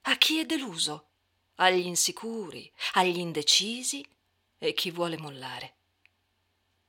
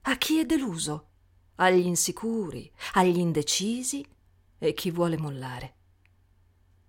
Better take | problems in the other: second | thin; very slightly; fading below 400 Hz

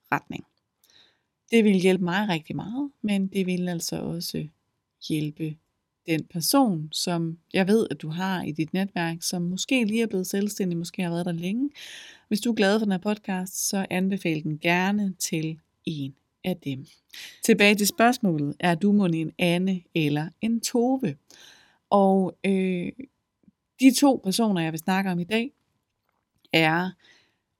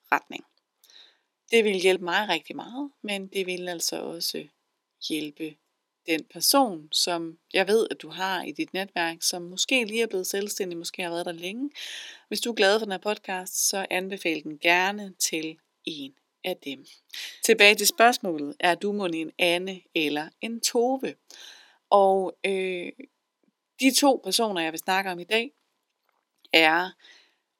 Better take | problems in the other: first | thin; somewhat; fading below 350 Hz

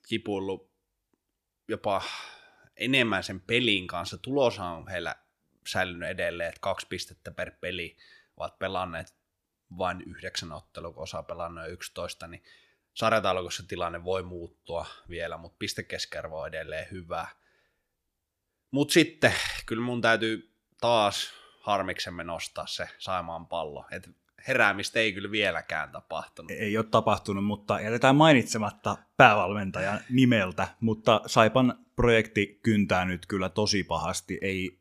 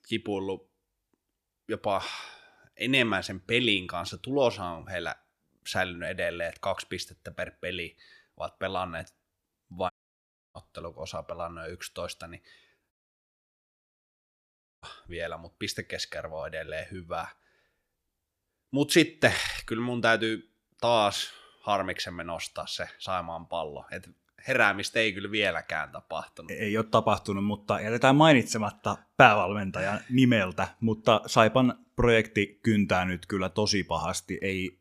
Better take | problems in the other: first | audio cutting out; at 10 s for 0.5 s and at 13 s for 2 s

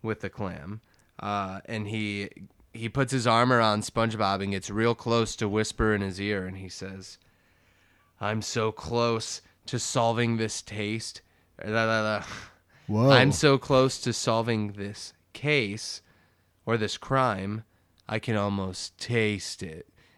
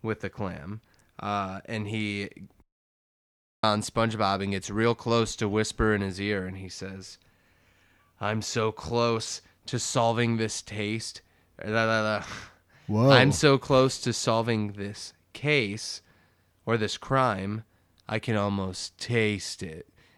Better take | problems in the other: first | audio cutting out; at 2.5 s for 1 s

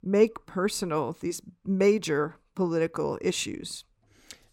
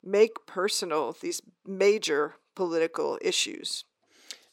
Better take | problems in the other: first | thin; somewhat; fading below 400 Hz

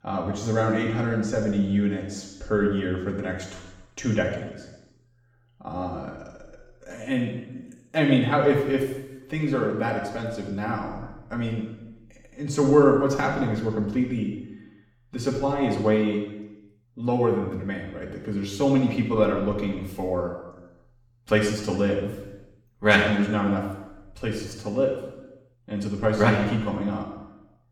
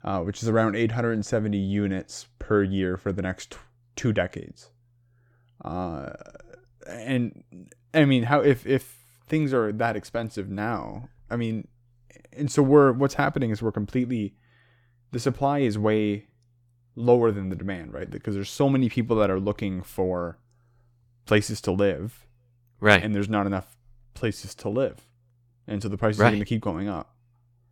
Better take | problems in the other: second | room echo; noticeable; dies away in 0.9 s // off-mic speech; far

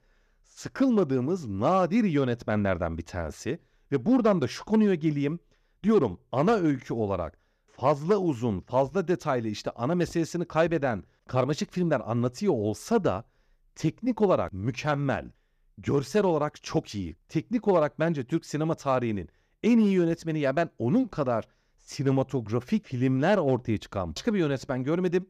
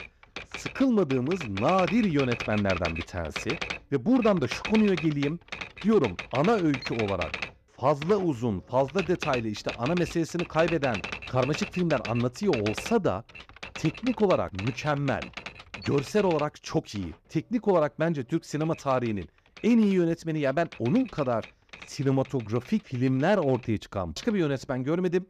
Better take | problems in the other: first | household noises; loud; throughout; 10 dB below the speech

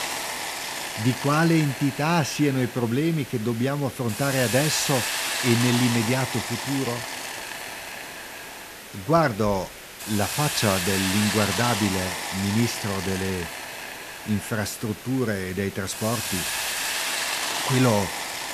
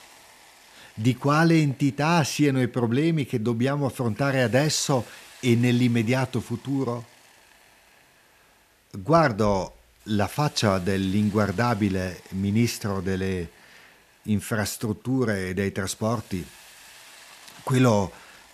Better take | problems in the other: second | hiss; loud; throughout; 3 dB below the speech; faint in the second

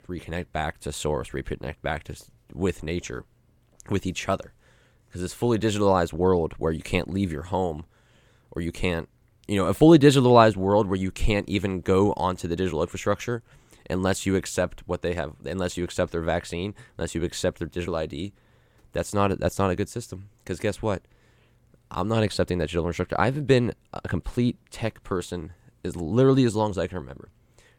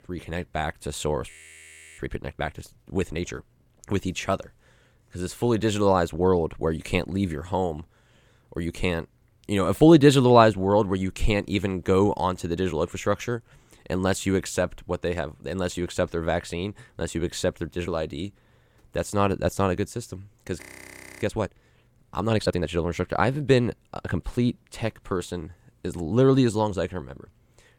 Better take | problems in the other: first | audio freezing; at 1.5 s for 0.5 s and at 21 s for 0.5 s

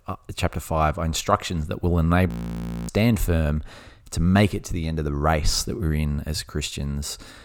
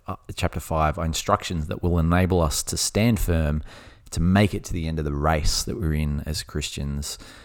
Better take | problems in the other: second | audio freezing; at 2.5 s for 0.5 s

